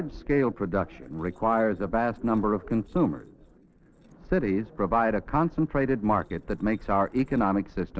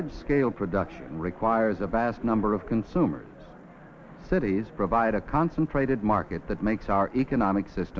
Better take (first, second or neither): second